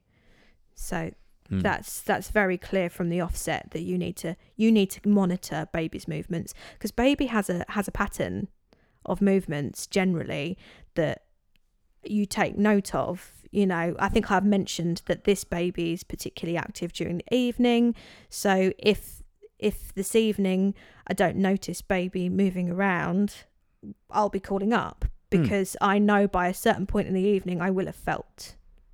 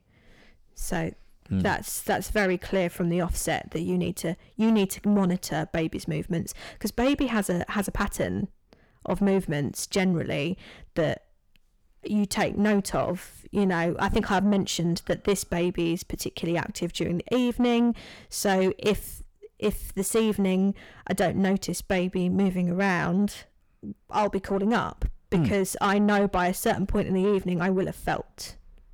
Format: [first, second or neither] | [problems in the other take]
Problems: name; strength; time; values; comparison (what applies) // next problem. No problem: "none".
first | distortion; slight; 10 dB below the speech